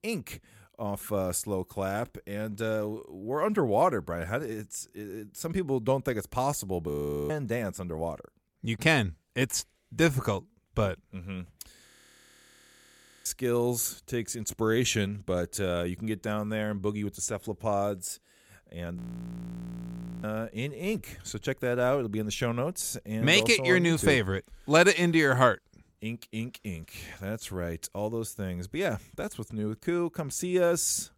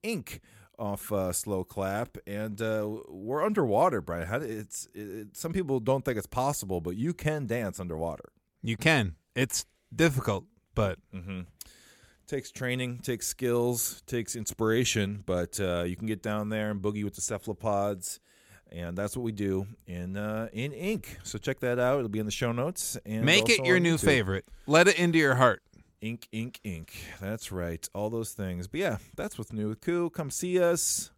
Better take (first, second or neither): second